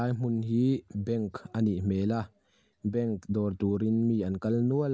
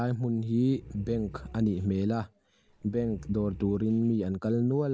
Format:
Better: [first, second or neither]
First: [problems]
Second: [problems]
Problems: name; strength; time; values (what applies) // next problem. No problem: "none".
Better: first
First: none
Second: background sound (Growling); 17 dB below the speech